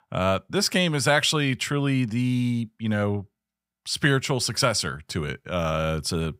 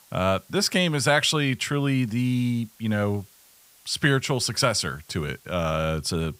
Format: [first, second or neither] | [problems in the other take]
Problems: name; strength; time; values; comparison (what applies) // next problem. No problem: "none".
first | hiss; faint; throughout; 30 dB below the speech